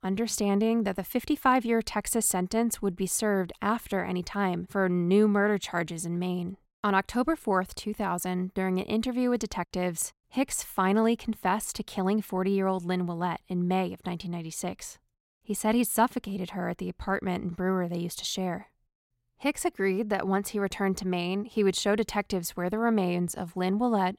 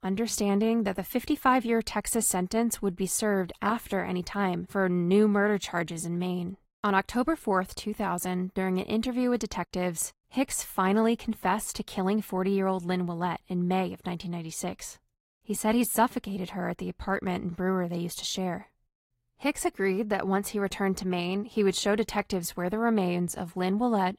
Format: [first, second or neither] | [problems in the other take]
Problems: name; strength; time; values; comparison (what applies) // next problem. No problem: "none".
first | garbled, watery; slightly; nothing above 16 kHz